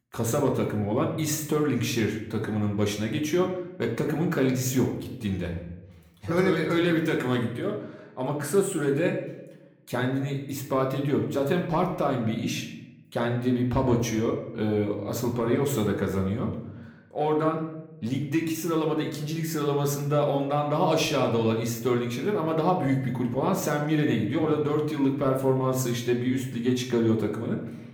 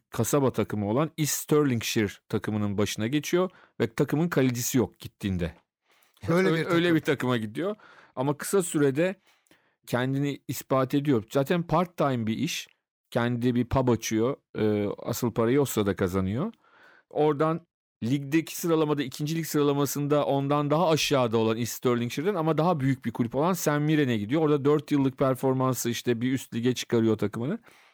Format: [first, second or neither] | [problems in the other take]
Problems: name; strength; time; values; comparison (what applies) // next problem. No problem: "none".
second | room echo; slight; dies away in 0.7 s // off-mic speech; somewhat distant